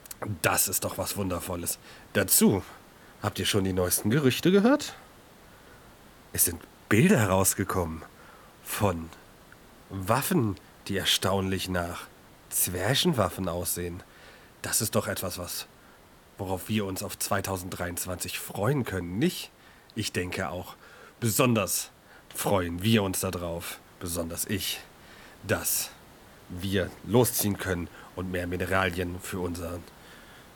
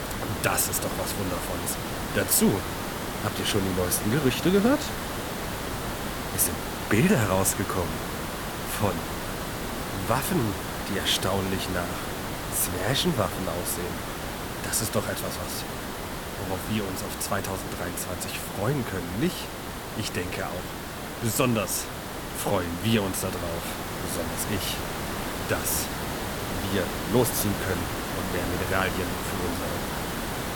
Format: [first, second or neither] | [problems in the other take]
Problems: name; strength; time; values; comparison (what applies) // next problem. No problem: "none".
first | hiss; loud; throughout; 4 dB below the speech; faint in the first